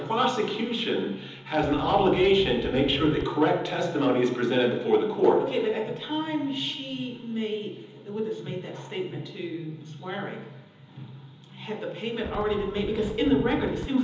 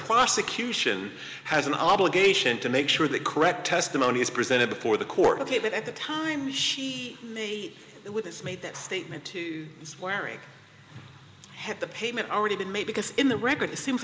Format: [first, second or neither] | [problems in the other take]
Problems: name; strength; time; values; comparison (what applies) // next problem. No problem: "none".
second | background sound (Wind); 12 dB below the speech // room echo; dies away in 1.3 s